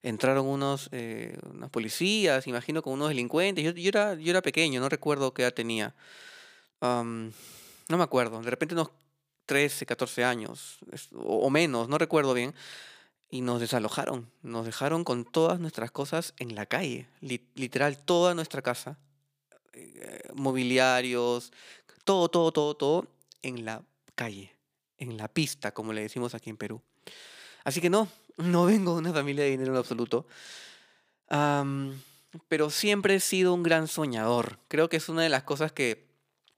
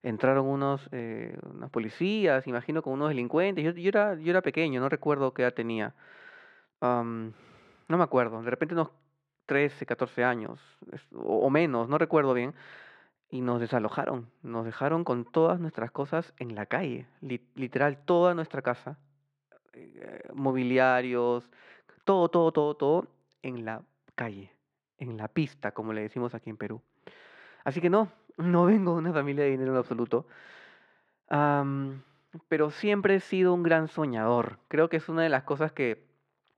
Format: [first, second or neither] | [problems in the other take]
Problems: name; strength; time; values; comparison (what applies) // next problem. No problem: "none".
first | muffled; very; fading above 1.5 kHz